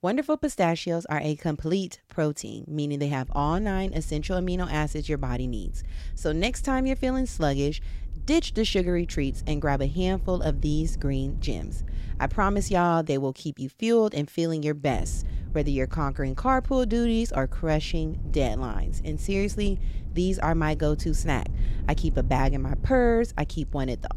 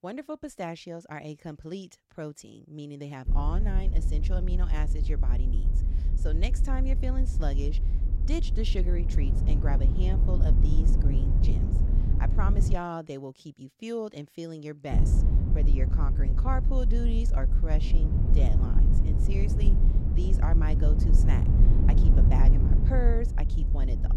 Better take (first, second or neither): first